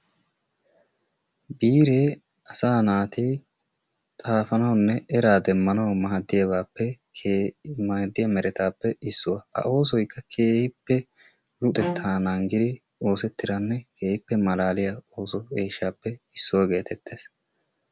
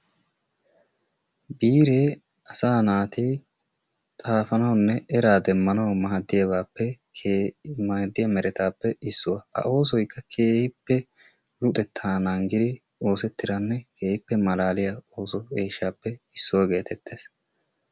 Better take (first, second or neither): second